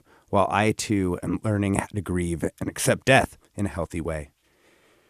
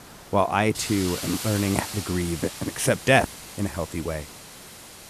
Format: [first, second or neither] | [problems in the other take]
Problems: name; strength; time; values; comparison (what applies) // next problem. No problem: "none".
first | hiss; loud; throughout; 10 dB below the speech